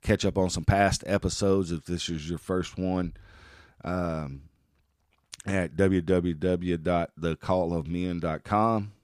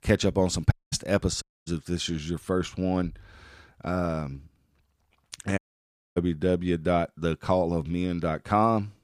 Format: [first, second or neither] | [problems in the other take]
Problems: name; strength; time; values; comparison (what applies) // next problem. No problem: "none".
first | audio cutting out; at 0.5 s, at 1.5 s and at 5.5 s for 0.5 s